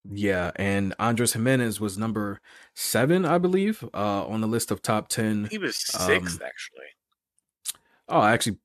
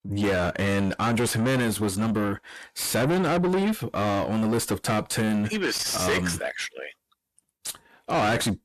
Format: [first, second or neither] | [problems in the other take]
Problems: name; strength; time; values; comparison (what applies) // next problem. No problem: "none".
first | distortion; heavy; 6 dB below the speech